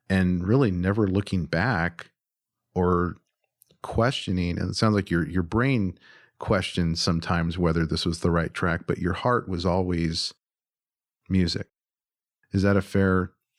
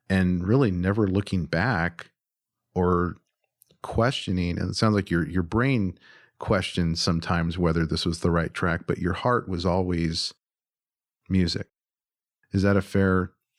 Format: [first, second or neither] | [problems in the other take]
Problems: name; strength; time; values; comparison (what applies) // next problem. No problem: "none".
neither | none